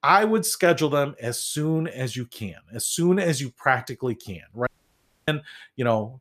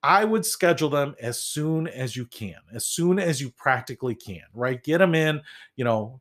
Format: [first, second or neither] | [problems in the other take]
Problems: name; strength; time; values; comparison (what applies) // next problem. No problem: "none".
second | audio cutting out; at 4.5 s for 0.5 s